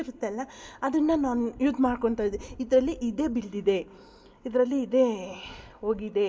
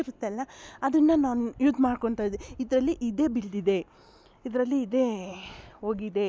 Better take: second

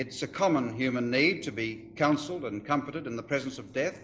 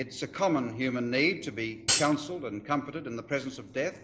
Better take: first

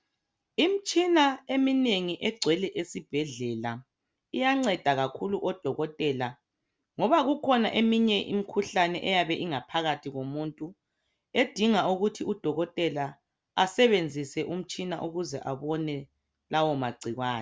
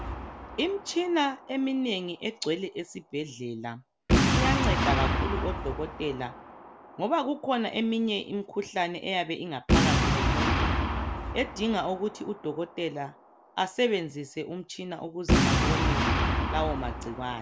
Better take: first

